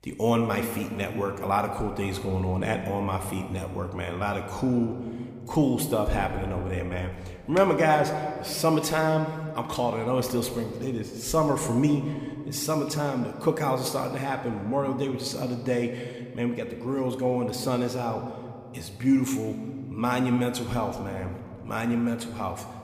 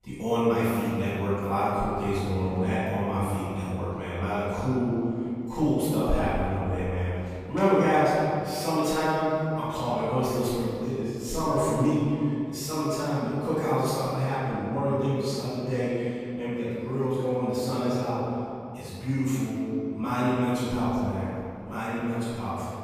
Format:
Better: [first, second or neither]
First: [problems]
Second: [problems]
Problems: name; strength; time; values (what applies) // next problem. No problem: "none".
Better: first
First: room echo; slight; dies away in 1.7 s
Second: room echo; strong; dies away in 2.2 s // off-mic speech; far